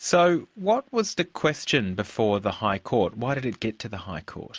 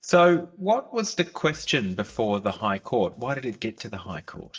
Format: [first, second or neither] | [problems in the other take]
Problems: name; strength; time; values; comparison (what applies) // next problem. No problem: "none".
first | noise reduction (neural mask model DeepFilterNet 3)